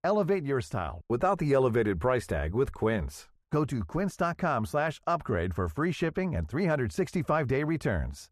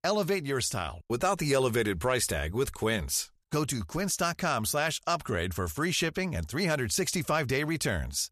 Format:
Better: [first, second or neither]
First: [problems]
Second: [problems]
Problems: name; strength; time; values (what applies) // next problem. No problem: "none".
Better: second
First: muffled; very; fading above 2.5 kHz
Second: none